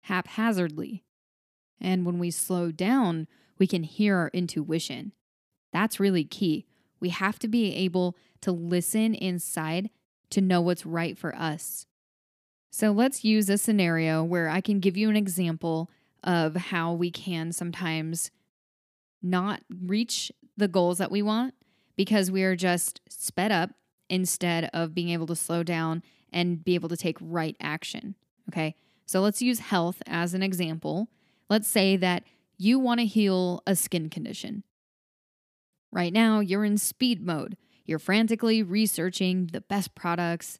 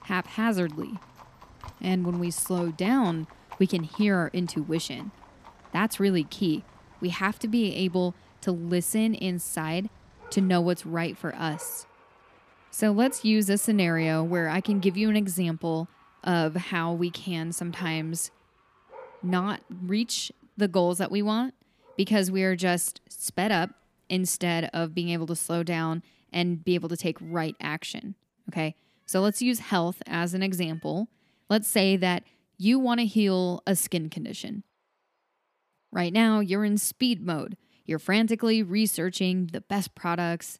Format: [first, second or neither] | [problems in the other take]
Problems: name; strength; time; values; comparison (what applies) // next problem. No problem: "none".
first | animal sounds; faint; throughout; 25 dB below the speech